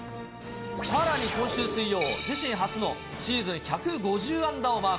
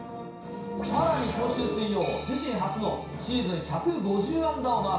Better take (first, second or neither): first